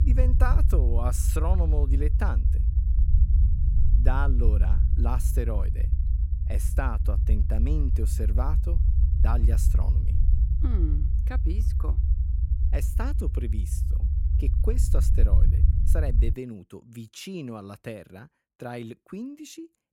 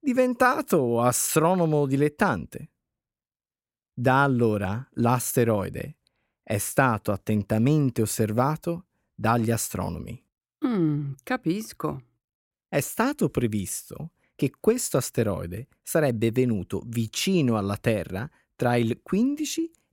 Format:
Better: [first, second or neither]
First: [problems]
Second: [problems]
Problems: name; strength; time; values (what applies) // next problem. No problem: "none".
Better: second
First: low rumble; loud; until 16 s; 6 dB below the speech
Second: none